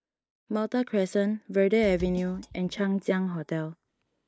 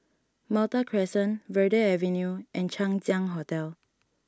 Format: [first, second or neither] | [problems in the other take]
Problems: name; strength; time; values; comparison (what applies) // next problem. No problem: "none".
second | noise reduction (neural mask model DeepFilterNet 3)